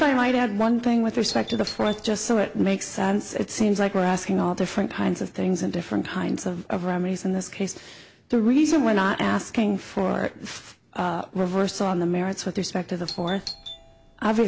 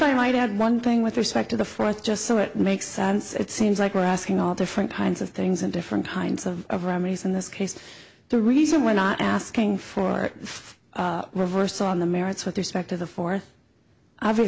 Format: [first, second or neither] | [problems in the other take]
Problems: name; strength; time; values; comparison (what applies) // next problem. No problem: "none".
second | background sound (Doorbell); 15 dB below the speech